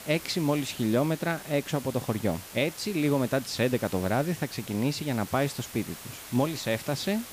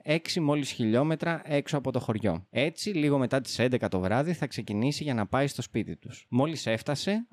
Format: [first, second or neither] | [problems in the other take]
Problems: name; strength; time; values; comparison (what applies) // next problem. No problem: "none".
second | hiss; noticeable; throughout; 15 dB below the speech